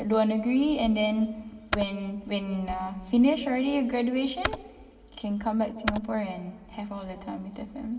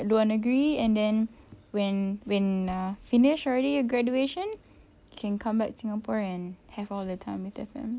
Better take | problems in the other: second | background sound (Computer keyboard); 10 dB below the speech // room echo; dies away in 1.7 s

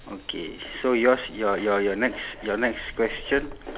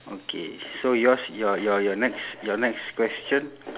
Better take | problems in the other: second | background sound (Zipper (clothing)); 18 dB below the speech

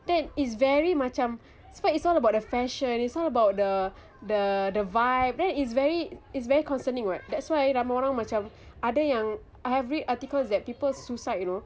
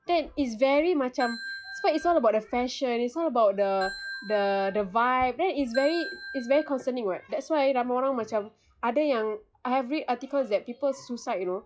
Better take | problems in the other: first | noise reduction (classical method log-MMSE)

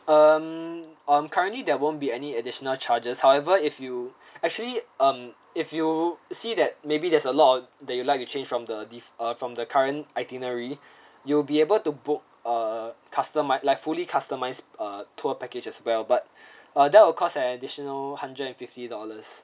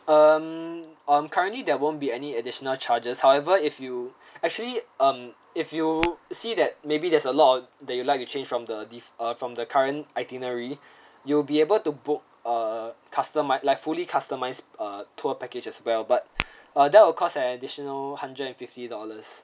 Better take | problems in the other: first | background sound (Tap / Glass); 14 dB below the speech

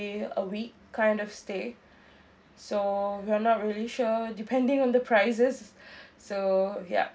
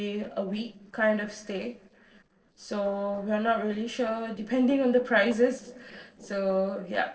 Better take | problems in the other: first | noise reduction (neural separator model SepFormer DNS4)

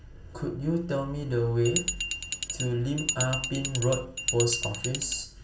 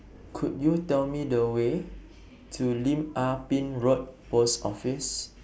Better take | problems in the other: second | background sound (Glass); 3 dB below the speech // room echo; dies away in 0.4 s

